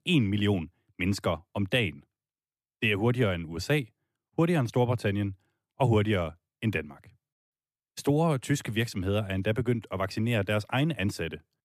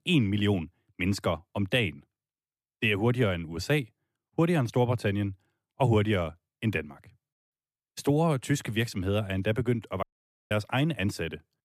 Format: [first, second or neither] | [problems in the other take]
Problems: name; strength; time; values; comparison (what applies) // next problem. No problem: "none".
first | audio cutting out; at 10 s